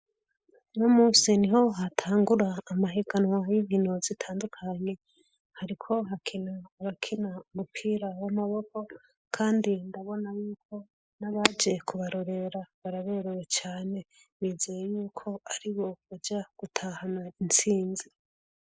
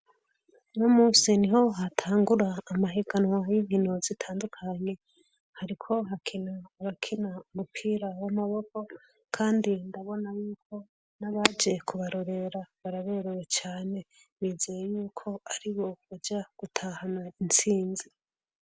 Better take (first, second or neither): second